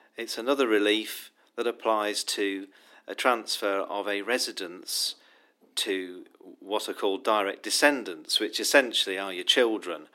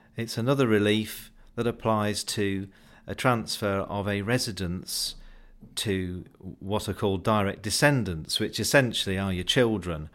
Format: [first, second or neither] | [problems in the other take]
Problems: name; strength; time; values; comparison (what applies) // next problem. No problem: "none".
second | thin; somewhat; fading below 300 Hz